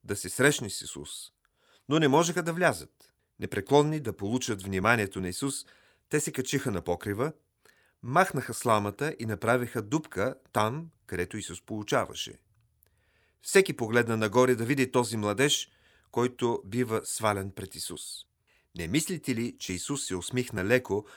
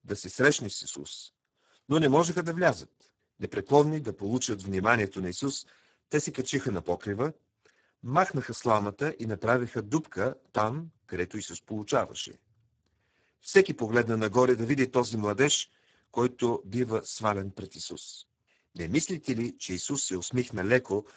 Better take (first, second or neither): first